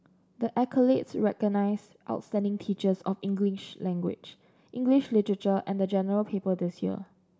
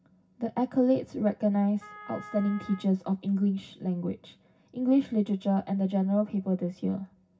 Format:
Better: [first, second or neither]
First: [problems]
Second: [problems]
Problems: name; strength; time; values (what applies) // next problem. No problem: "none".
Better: first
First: none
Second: background sound (Wind instrument, woodwind instrument); 19 dB below the speech // room echo; dies away in 0.4 s